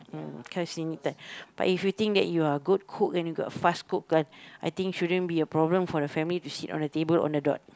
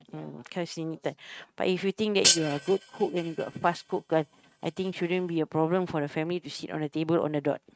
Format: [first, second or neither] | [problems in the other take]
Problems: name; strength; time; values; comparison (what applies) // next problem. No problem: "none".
first | noise reduction (neural mask model RNNoise)